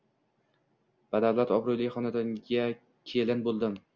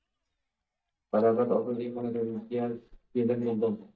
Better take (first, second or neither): first